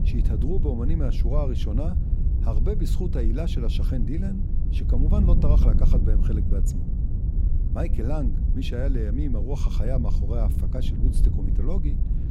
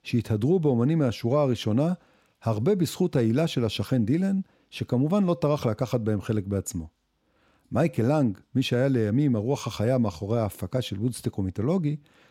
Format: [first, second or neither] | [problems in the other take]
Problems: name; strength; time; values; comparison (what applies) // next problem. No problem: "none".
second | wind noise on the microphone; heavy; 5 dB below the speech